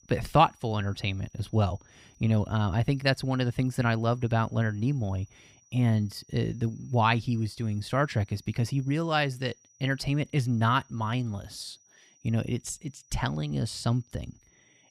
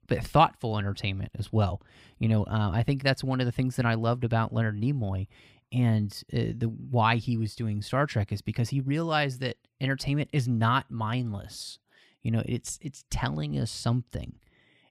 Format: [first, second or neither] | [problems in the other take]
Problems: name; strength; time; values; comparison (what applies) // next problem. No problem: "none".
second | high-pitched whine; faint; throughout; 6 kHz, 30 dB below the speech